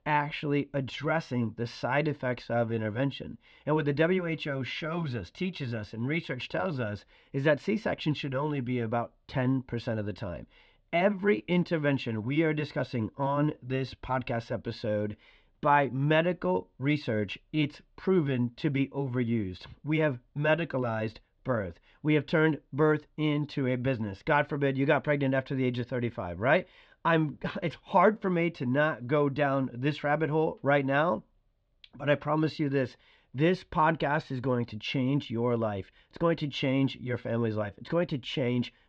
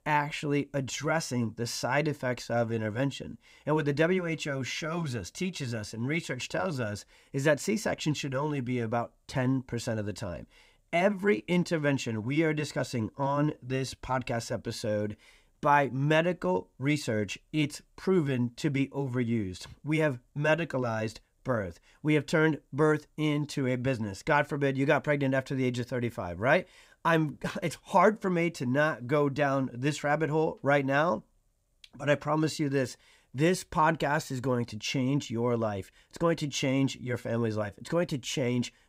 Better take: second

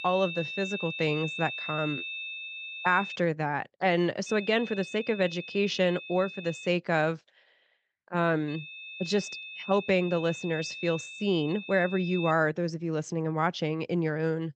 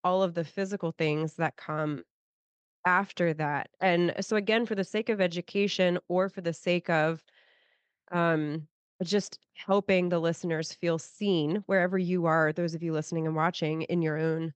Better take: second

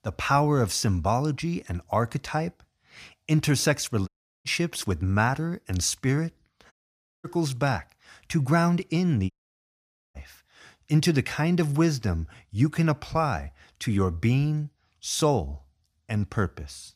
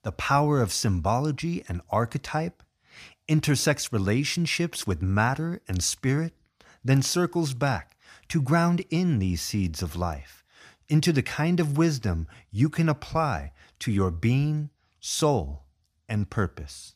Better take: second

